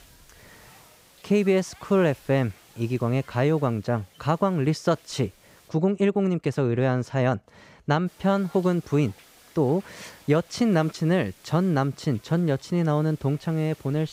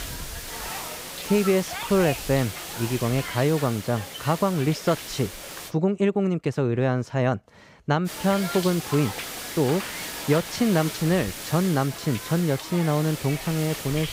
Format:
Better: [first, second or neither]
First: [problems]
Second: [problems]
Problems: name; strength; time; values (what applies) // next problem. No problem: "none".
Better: first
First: hiss; faint; until 5.5 s and from 8 s on; 25 dB below the speech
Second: hiss; loud; until 5.5 s and from 8 s on; 8 dB below the speech